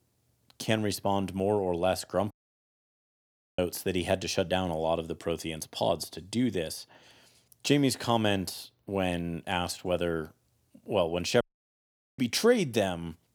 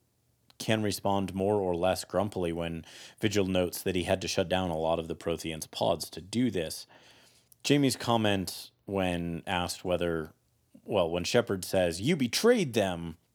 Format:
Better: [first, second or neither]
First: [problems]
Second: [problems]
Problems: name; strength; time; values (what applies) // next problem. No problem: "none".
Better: second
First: audio cutting out; at 2.5 s for 1.5 s and at 11 s for 1 s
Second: none